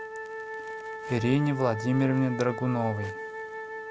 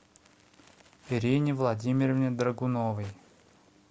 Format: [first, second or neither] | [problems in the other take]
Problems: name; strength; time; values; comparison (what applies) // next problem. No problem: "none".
second | background sound (Wind instrument, woodwind instrument); 9 dB below the speech